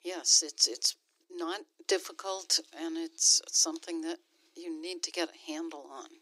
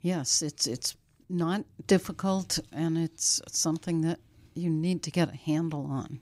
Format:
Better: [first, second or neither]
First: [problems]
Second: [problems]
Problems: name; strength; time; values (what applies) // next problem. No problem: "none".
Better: second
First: thin; very; fading below 350 Hz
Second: none